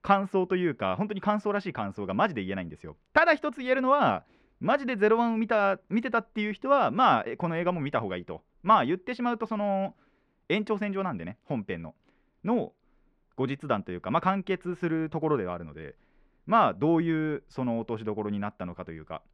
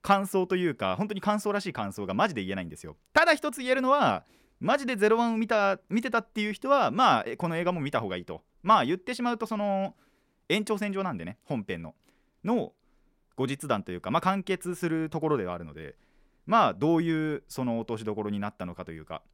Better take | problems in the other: second | muffled; slightly; fading above 3 kHz

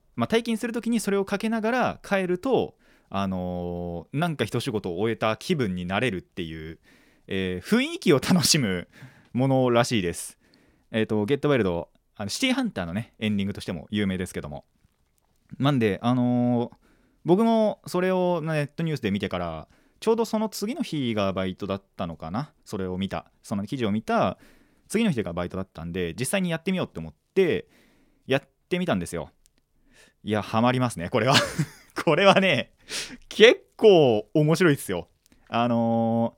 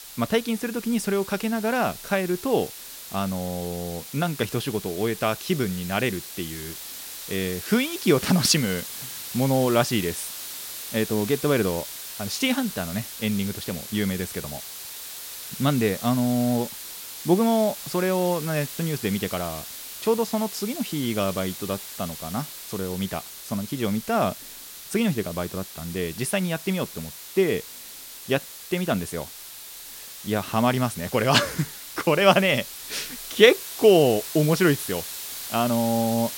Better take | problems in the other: first | hiss; noticeable; throughout; 10 dB below the speech

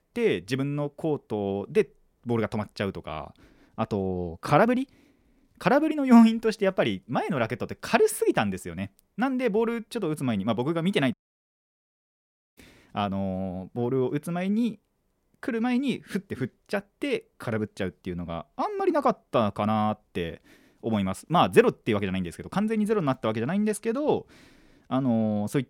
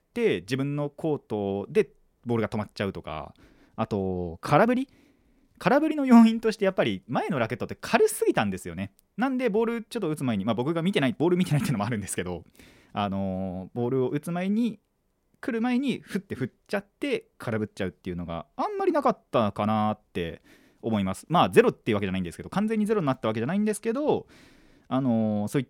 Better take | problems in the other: second | audio cutting out; at 11 s for 1.5 s

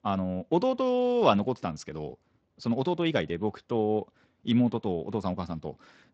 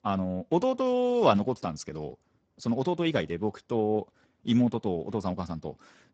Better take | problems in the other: first | garbled, watery; badly; nothing above 7.5 kHz; slightly in the first

